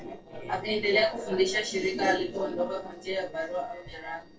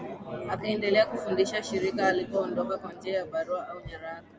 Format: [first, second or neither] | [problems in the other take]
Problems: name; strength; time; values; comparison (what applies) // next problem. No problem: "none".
second | noise reduction (neural separator model SepFormer DNS4)